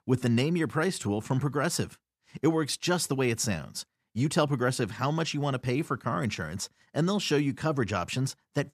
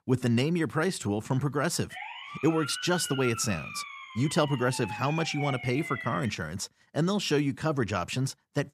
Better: first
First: none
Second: siren; noticeable; from 2 to 6.5 s; peak 7 dB below the speech

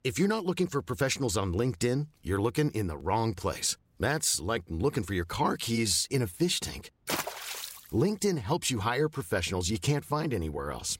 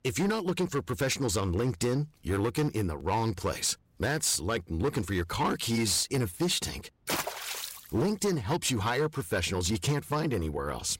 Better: first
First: none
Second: distortion; slight; 9% of the sound clipped

